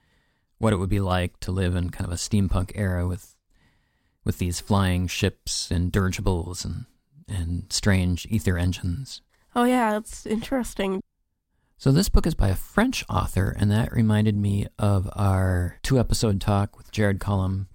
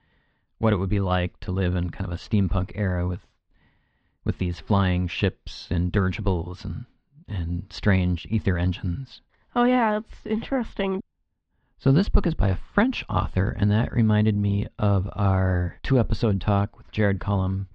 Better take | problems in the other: first | muffled; slightly; fading above 3.5 kHz

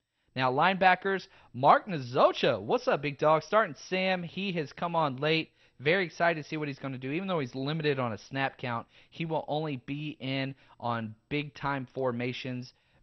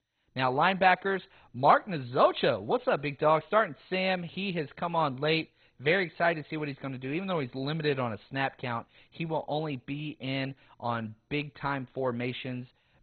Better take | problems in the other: first | garbled, watery; badly; nothing above 4 kHz; slightly in the first

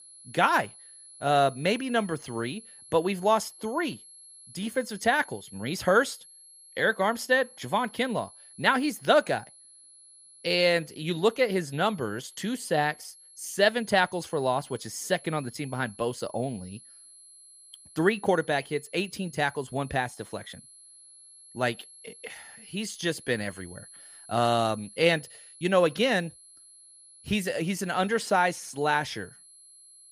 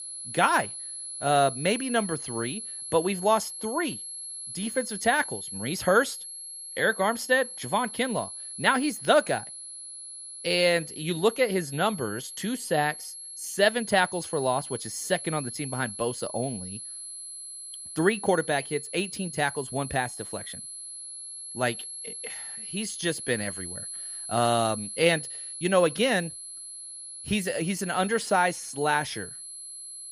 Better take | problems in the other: first | high-pitched whine; loud; throughout; 11 kHz, 9 dB below the speech; faint in the first

